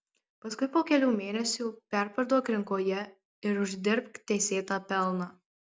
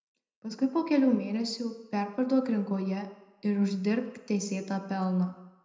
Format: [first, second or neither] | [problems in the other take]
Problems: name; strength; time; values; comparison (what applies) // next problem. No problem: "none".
first | room echo; dies away in 0.7 s